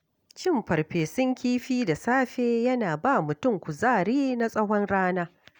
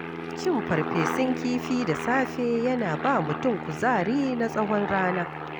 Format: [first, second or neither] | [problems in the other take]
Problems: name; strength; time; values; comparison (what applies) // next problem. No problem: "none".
first | background sound (Aircraft); 6 dB below the speech